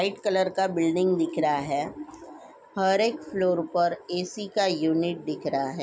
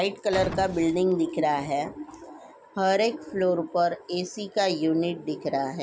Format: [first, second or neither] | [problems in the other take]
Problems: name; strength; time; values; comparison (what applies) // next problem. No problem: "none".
first | background sound (Boom); 11 dB below the speech